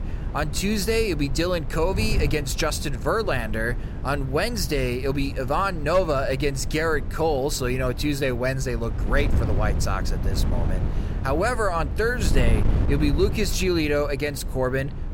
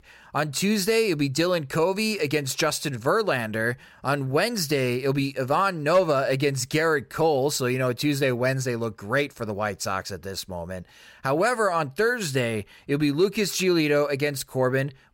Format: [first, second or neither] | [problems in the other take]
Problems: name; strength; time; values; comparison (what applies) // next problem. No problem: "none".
second | wind noise on the microphone; occasional gusts; 15 dB below the speech